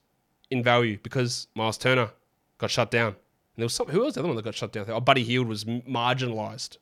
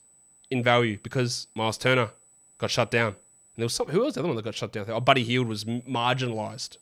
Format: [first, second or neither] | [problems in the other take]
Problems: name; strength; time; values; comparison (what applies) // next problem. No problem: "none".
first | high-pitched whine; faint; until 3.5 s and from 5 s on; 8 kHz, 30 dB below the speech